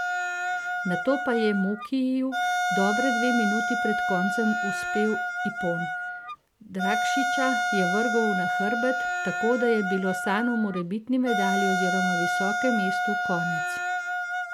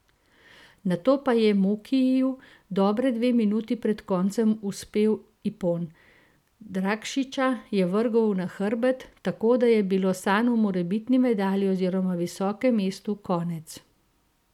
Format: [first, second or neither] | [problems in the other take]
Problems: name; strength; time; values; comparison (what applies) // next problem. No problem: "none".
second | background sound (Wind instrument, woodwind instrument); as loud as the speech